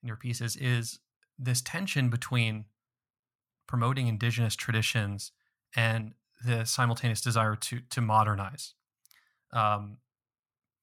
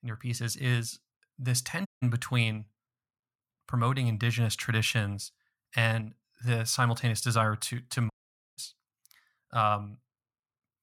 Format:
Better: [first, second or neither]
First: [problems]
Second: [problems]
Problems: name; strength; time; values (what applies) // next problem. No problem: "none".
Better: first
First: none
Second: audio cutting out; at 2 s and at 8 s